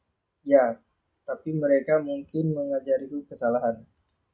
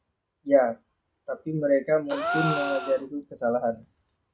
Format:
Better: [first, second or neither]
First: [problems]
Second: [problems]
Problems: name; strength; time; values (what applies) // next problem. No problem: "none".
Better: first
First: none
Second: background sound (Gasp); 5 dB below the speech